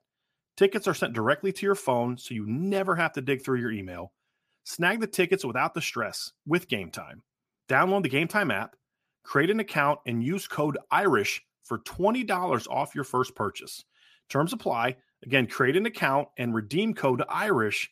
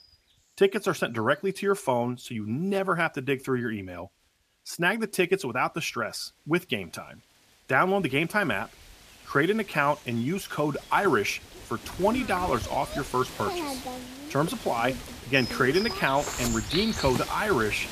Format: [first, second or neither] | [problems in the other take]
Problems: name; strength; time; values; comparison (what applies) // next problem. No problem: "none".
first | animal sounds; loud; throughout; 9 dB below the speech